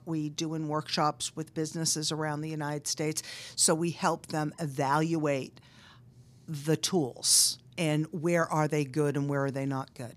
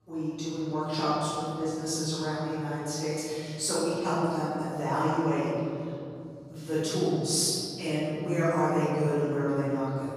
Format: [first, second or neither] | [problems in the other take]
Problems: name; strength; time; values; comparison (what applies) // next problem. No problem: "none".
first | room echo; strong; dies away in 2.6 s // off-mic speech; far